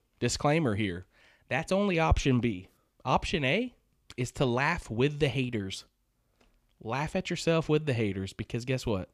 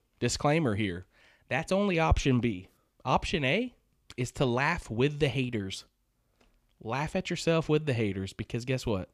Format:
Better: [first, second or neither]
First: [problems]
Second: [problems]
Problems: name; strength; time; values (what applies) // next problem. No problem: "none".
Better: neither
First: none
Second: none